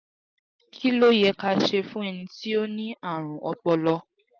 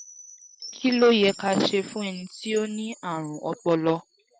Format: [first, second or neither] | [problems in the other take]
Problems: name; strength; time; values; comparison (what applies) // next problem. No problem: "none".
first | background sound (Chime); 19 dB below the speech